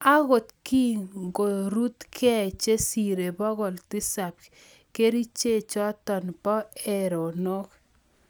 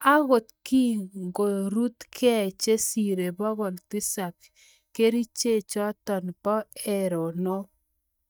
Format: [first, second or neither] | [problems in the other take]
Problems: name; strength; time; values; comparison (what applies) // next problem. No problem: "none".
first | noise reduction (neural mask model DeepFilterNet 3)